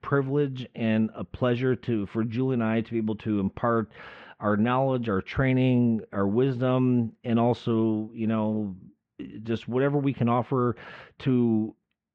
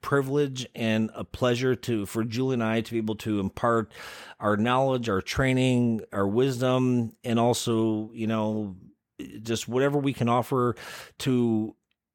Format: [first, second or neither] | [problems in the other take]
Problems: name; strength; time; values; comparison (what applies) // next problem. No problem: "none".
second | muffled; very; fading above 3 kHz